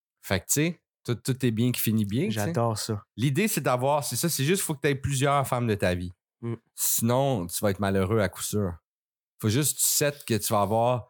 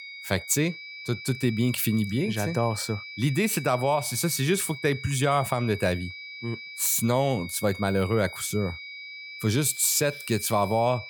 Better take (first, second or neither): first